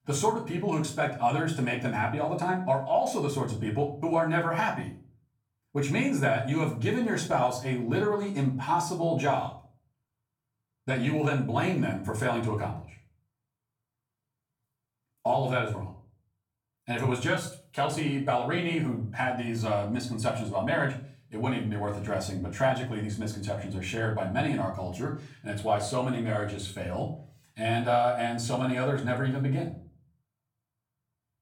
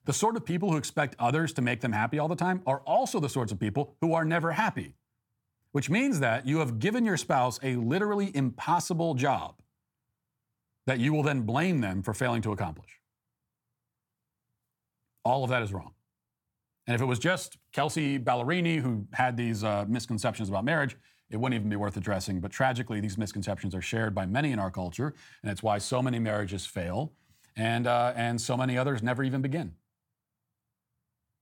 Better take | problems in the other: second | off-mic speech; far // room echo; slight; dies away in 0.3 s

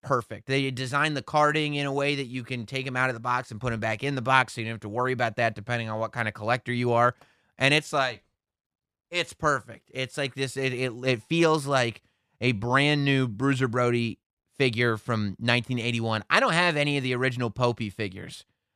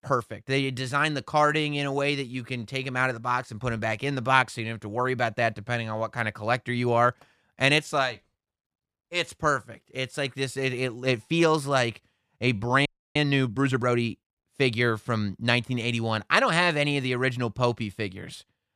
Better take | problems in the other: first | audio freezing; at 13 s

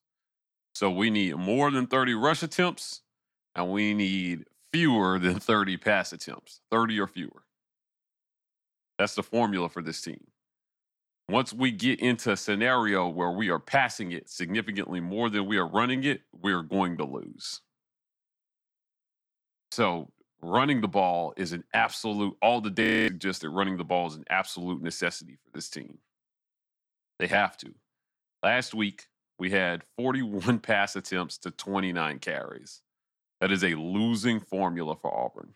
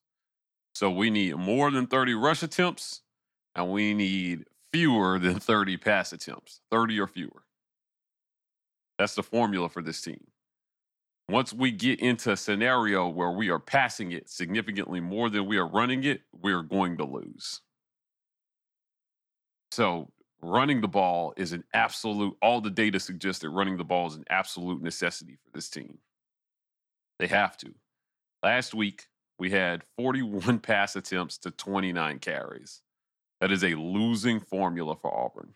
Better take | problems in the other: second | audio freezing; at 23 s

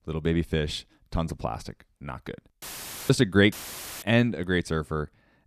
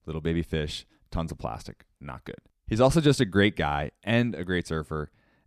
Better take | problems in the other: second | audio cutting out; filled with static; at 2.5 s and at 3.5 s

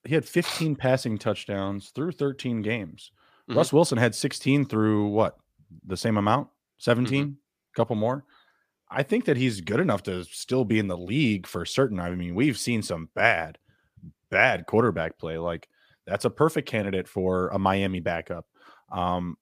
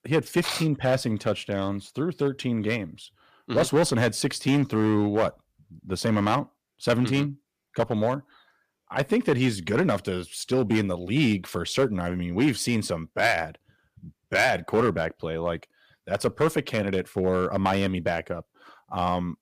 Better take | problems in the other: first | distortion; slight; 3% of the sound clipped

